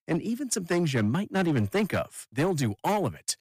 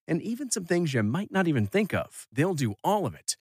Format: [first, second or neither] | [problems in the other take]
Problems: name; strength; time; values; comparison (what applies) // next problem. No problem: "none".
second | distortion; slight; 10% of the sound clipped